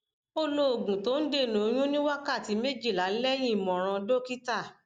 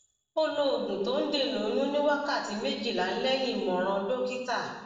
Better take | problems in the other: first | room echo; dies away in 1 s

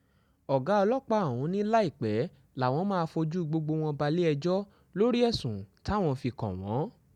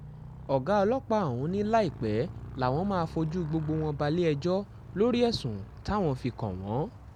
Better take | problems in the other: first | background sound (Motorcycle); 15 dB below the speech

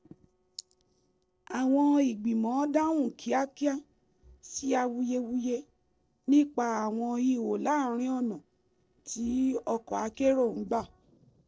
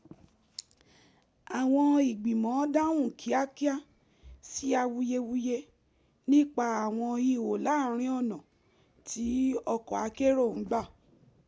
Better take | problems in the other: second | noise reduction (neural separator model SepFormer DNS4)

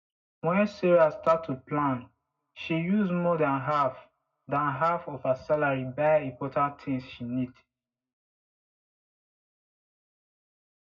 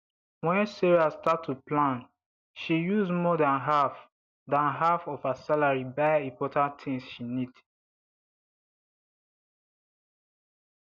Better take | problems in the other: second | room echo; dies away in 0.4 s

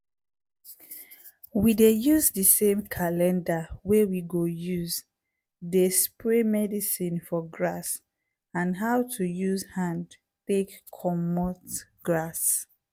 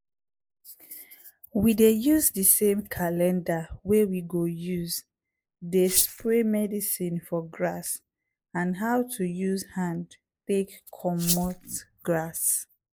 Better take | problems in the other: first | noise reduction (neural mask model Resemble Enhance denoiser)

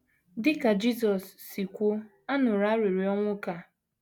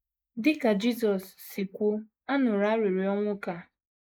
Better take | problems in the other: first | noise reduction (neural mask model Resemble Enhance denoiser)

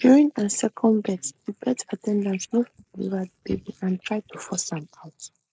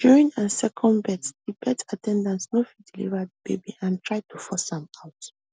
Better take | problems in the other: second | noise reduction (neural mask model Resemble Enhance denoiser)

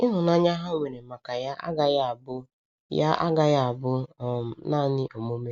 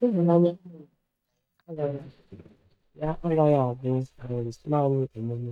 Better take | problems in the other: first | noise reduction (neural mask model DeepFilterNet 3)

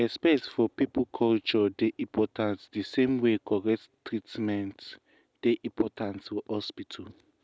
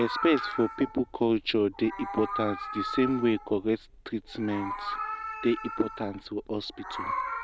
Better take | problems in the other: first | background sound (Meow); 7 dB below the speech

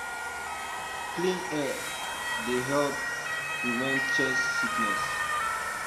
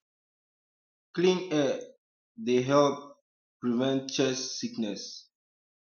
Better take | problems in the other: second | background sound (Motor vehicle (road) / Siren + Domestic sounds, home sounds); 4 dB above the speech

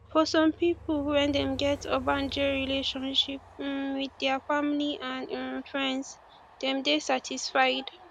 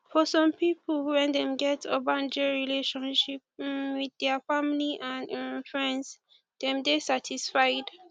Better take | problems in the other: second | background sound (Train); 19 dB below the speech

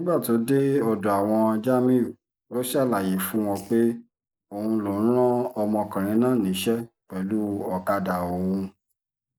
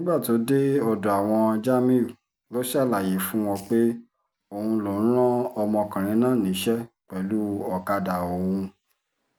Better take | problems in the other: second | noise reduction (neural mask model Resemble Enhance denoiser)

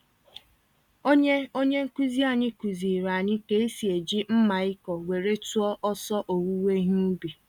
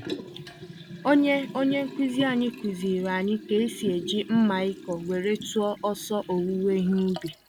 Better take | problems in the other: first | background sound (Liquid); 13 dB below the speech

